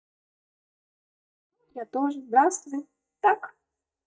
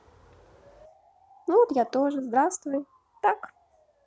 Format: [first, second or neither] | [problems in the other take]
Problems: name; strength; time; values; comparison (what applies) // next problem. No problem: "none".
second | noise reduction (neural mask model DeepFilterNet 3)